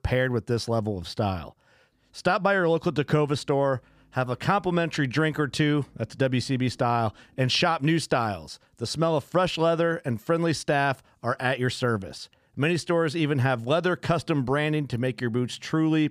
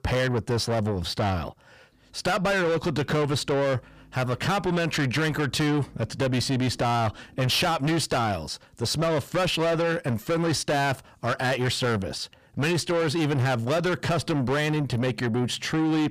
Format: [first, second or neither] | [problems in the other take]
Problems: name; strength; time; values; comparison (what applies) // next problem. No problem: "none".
first | distortion; heavy; 7 dB below the speech